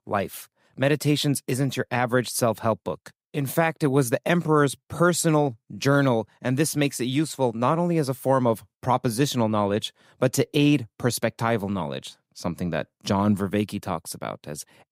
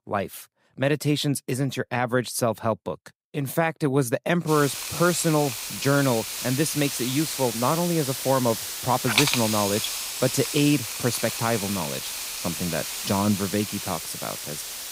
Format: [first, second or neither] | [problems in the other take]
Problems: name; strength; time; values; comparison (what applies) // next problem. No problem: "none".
first | hiss; loud; from 4.5 s on; 3 dB below the speech